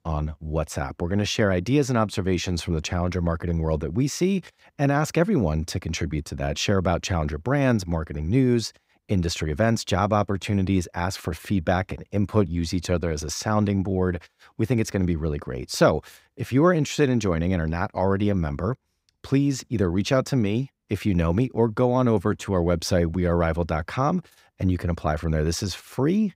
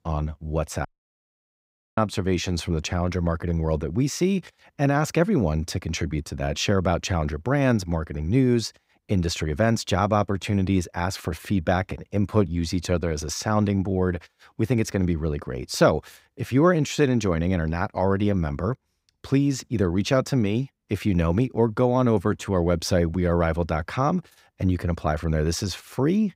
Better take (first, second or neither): first